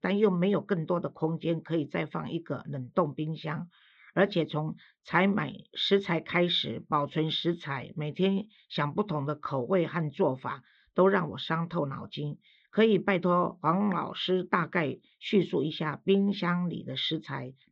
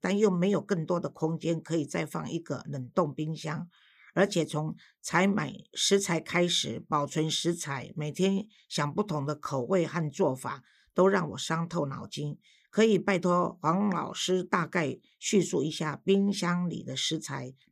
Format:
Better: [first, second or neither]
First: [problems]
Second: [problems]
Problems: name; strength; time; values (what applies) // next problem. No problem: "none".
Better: second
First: muffled; slightly; fading above 4 kHz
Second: none